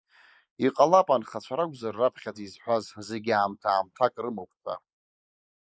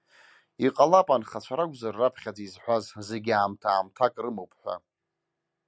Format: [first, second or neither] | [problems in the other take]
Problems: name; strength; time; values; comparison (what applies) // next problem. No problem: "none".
second | noise reduction (neural mask model Resemble Enhance denoiser)